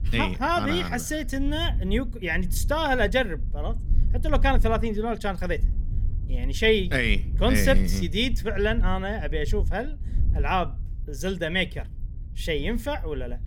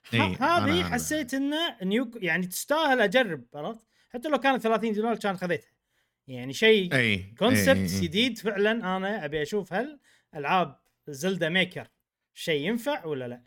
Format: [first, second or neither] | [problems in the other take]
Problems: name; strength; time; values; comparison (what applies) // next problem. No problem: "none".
second | low rumble; faint; throughout; 25 dB below the speech